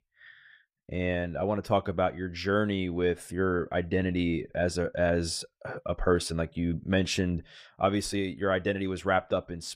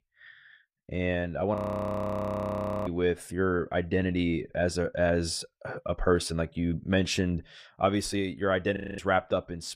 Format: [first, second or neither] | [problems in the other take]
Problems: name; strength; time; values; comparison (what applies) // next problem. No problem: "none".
first | audio freezing; at 1.5 s for 1.5 s and at 9 s